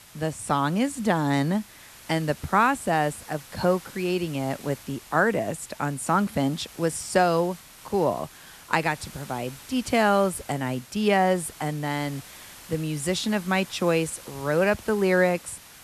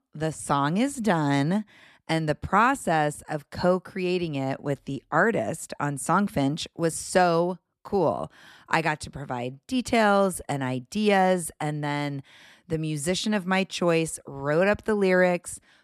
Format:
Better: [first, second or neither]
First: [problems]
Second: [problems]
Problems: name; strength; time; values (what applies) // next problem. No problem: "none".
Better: second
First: hiss; noticeable; throughout; 20 dB below the speech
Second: none